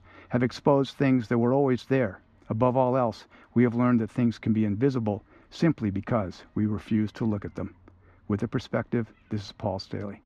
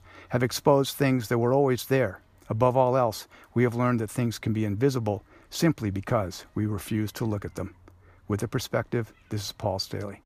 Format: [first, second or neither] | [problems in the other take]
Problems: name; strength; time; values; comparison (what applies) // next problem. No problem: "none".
second | muffled; very slightly; fading above 3.5 kHz